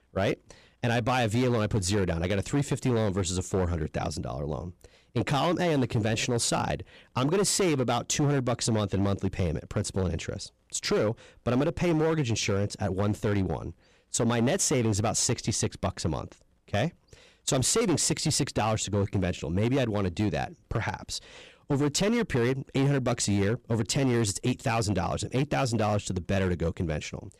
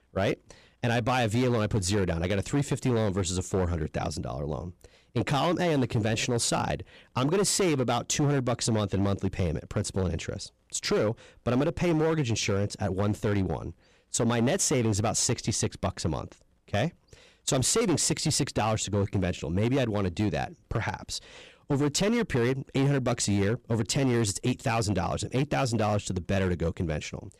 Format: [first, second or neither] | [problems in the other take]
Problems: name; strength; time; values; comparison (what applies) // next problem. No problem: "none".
neither | distortion; slight; 11% of the sound clipped; the same in both